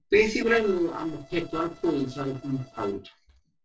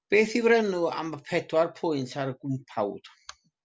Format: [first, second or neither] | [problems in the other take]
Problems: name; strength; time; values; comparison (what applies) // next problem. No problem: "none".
second | noise reduction (neural separator model SepFormer DNS4)